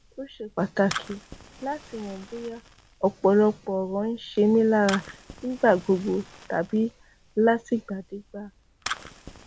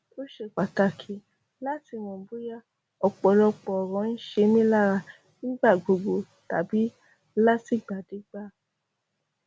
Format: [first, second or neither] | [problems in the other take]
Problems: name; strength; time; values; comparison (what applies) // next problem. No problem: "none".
second | background sound (Fire); 16 dB below the speech